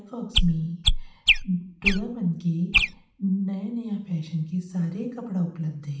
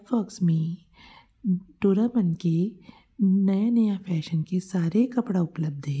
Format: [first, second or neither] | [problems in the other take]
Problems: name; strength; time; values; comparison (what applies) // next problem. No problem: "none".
second | background sound (Chirp, tweet); 3 dB above the speech // room echo; dies away in 0.6 s